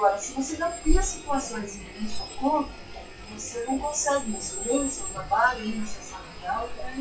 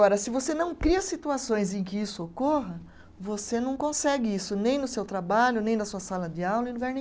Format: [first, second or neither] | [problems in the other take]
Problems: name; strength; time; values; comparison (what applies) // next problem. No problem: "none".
second | noise reduction (classical method WPE with log-MMSE)